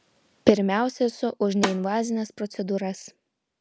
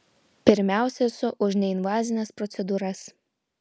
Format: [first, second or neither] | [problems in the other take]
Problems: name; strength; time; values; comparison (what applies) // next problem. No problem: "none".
second | background sound (Snare drum); 8 dB below the speech